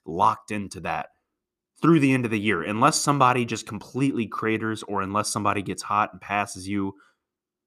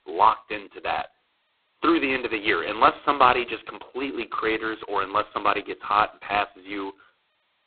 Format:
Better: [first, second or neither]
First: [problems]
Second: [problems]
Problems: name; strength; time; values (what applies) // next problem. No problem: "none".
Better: first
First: none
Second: phone-call audio; poor line; nothing above 4 kHz